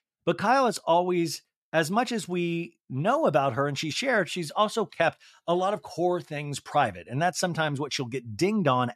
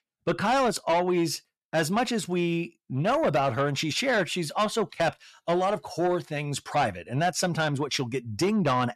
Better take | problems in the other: first | distortion; slight; 10 dB below the speech

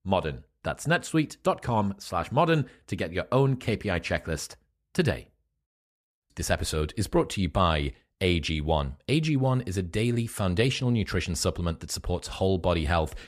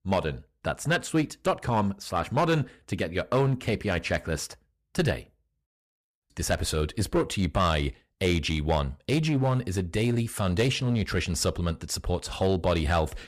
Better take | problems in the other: first | distortion; slight; 5% of the sound clipped

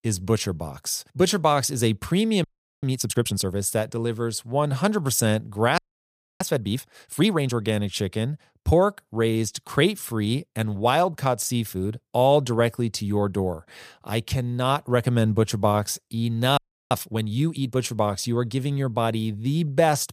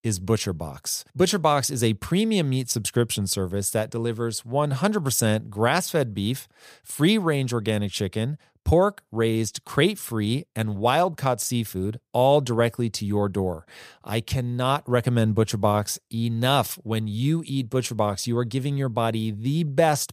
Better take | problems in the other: second | audio freezing; at 2.5 s, at 6 s for 0.5 s and at 17 s

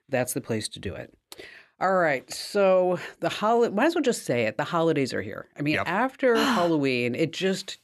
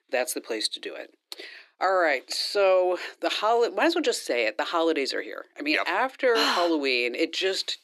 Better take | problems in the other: first | thin; somewhat; fading below 300 Hz

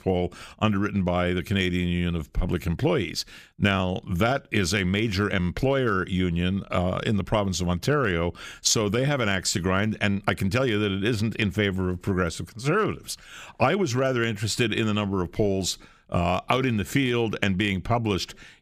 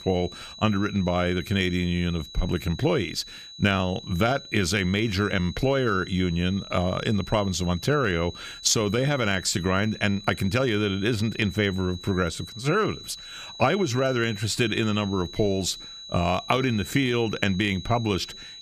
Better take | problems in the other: first | high-pitched whine; noticeable; throughout; 4 kHz, 15 dB below the speech

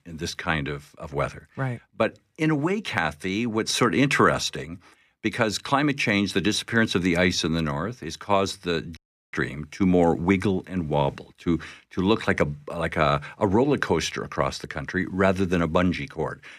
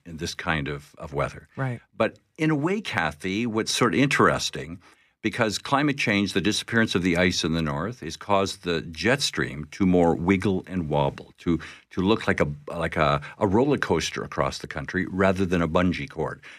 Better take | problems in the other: second | audio cutting out; at 9 s

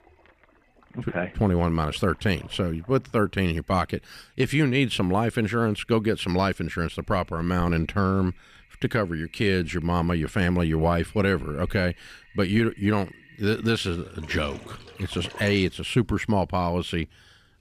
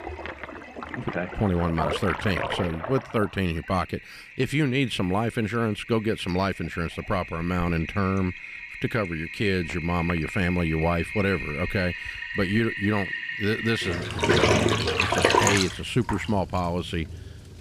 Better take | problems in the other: first | household noises; loud; throughout; 2 dB below the speech; faint in the first

